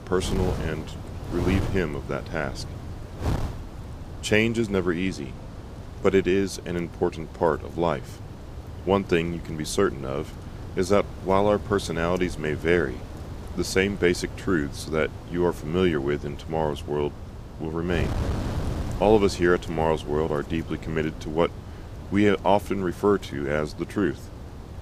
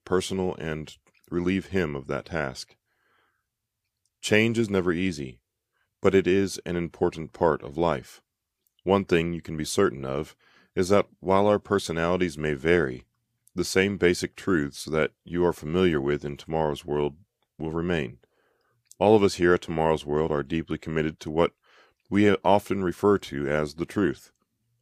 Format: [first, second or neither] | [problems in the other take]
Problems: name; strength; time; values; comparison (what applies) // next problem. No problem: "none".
second | wind noise on the microphone; occasional gusts; 15 dB below the speech